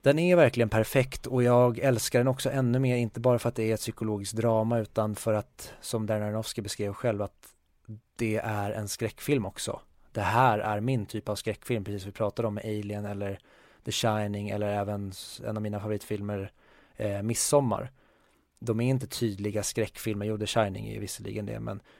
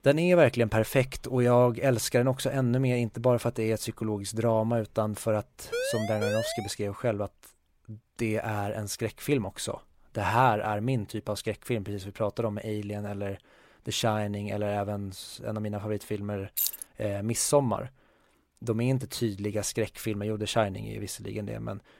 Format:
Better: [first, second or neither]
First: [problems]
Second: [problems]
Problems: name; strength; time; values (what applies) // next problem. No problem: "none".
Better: first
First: none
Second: siren; noticeable; at 5.5 s; peak 2 dB below the speech // jangling keys; loud; at 17 s; peak level with the speech